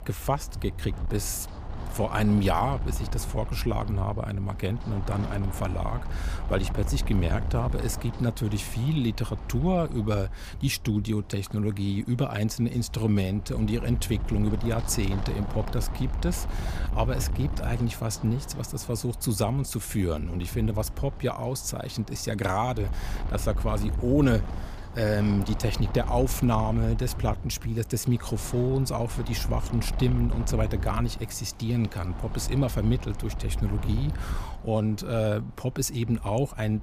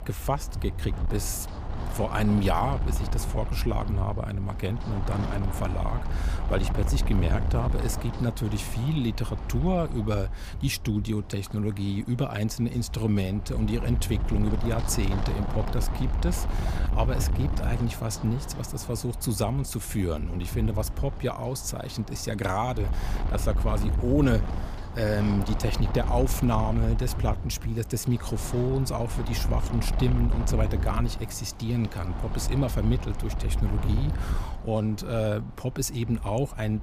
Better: first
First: wind noise on the microphone; occasional gusts; 10 dB below the speech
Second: wind noise on the microphone; heavy; 8 dB below the speech

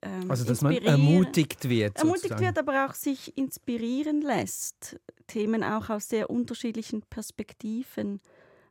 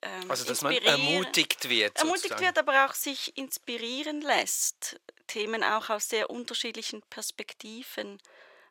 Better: first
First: none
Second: thin; very; fading below 600 Hz

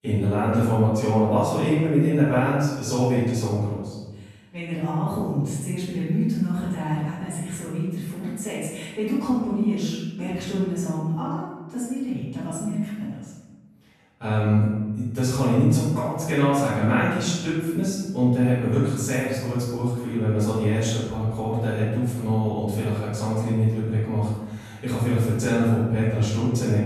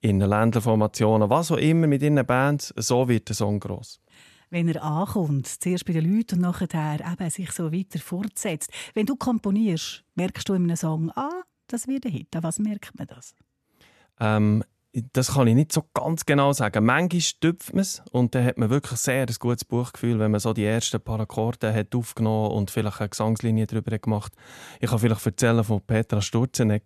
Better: second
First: room echo; strong; dies away in 1.1 s // off-mic speech; far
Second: none

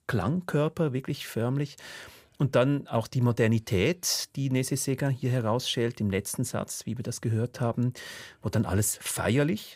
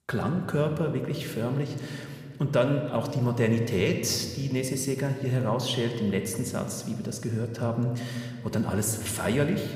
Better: first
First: none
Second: room echo; slight; dies away in 1.6 s

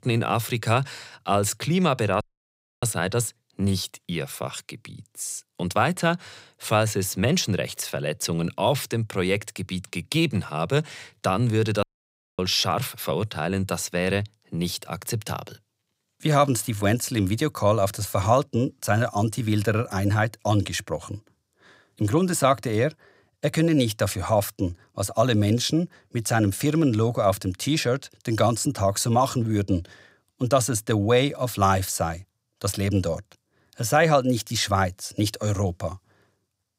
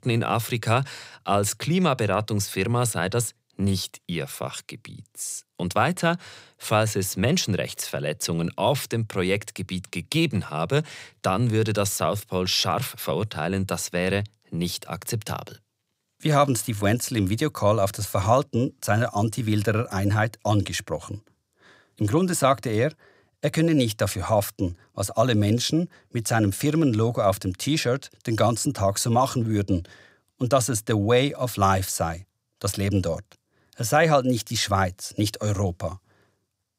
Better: second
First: audio cutting out; at 2 s for 0.5 s and at 12 s for 0.5 s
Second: none

